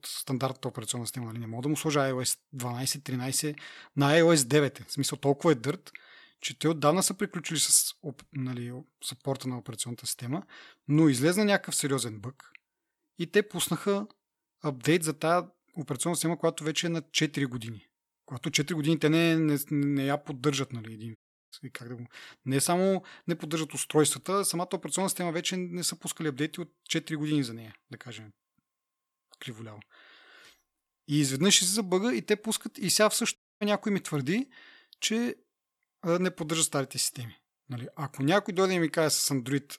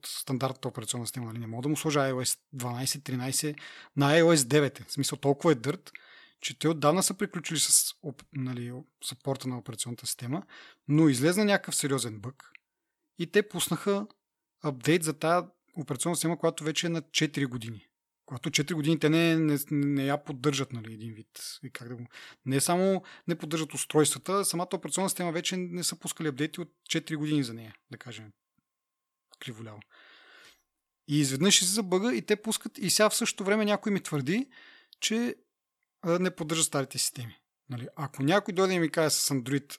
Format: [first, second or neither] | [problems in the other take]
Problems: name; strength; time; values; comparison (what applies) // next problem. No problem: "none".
second | audio cutting out; at 21 s and at 33 s